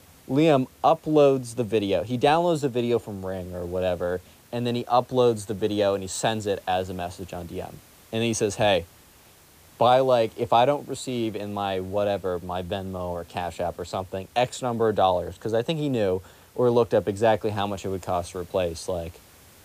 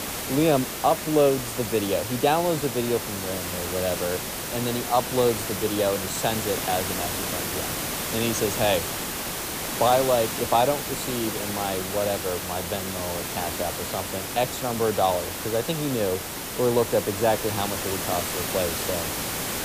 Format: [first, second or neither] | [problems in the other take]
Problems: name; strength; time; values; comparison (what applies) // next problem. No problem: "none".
first | hiss; loud; throughout; 3 dB below the speech; faint in the first